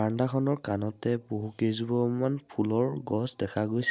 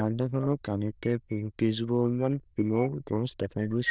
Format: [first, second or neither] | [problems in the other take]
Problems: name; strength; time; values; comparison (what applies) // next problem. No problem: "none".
first | noise reduction (neural diffusion model UNIVERSE++)